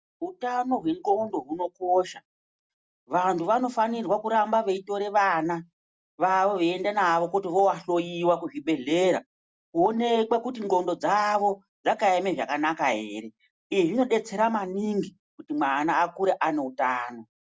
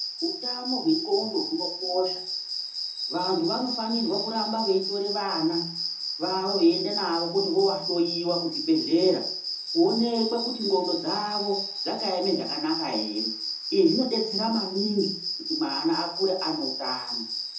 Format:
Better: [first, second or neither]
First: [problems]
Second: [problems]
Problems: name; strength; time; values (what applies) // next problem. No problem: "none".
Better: first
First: none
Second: background sound (Cricket); 5 dB below the speech // room echo; dies away in 0.5 s